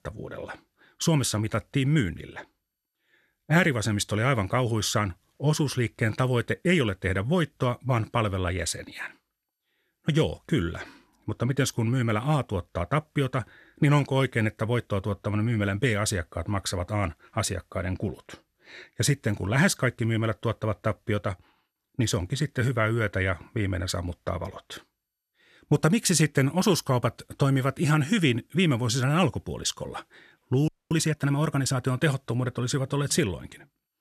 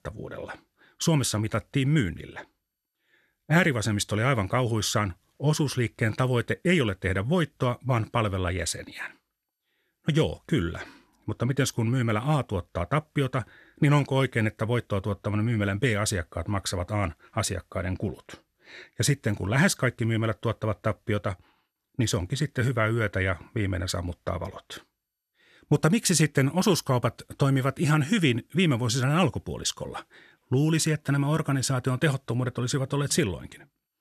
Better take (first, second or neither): second